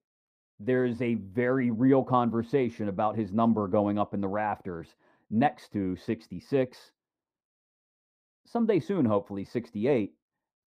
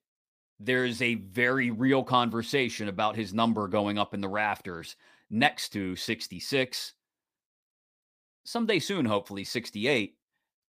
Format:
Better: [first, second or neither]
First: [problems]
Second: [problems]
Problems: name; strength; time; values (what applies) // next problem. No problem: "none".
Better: second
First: muffled; very; fading above 1.5 kHz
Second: none